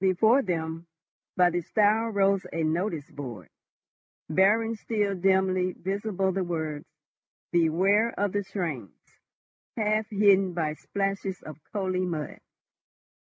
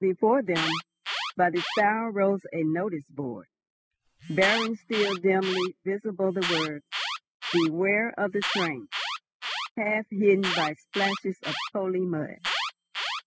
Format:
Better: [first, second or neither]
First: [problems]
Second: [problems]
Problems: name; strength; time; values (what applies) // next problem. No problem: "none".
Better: first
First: none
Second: noise reduction (classical method spectral subtraction)